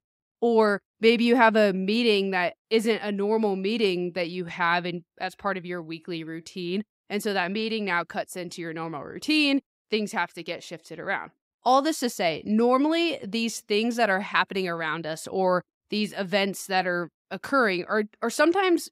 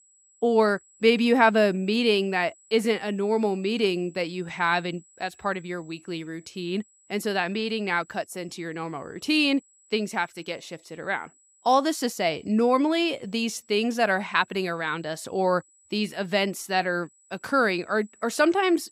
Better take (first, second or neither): first